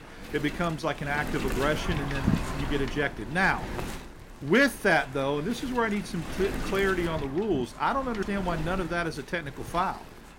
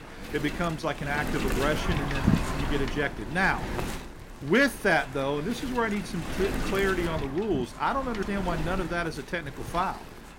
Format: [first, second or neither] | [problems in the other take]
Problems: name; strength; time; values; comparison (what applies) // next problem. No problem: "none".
first | wind noise on the microphone; heavy; 8 dB below the speech; occasional gusts in the first